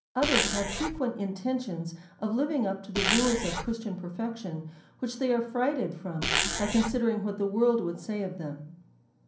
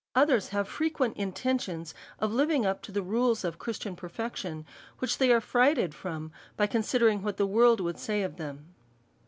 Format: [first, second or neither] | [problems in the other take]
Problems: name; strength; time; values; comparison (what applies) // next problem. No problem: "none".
second | background sound (Zipper (clothing)); 1 dB above the speech // room echo; dies away in 0.6 s